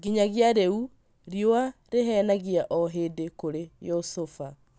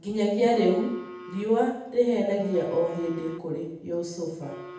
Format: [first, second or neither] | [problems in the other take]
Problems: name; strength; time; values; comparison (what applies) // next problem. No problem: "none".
first | background sound (Telephone); 18 dB below the speech // room echo; dies away in 0.8 s